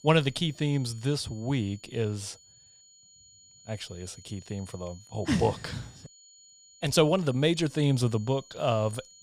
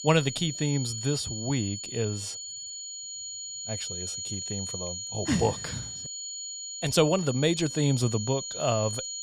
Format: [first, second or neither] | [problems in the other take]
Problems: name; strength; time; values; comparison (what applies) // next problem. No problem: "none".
first | high-pitched whine; loud; throughout; 7 kHz, 6 dB below the speech; faint in the first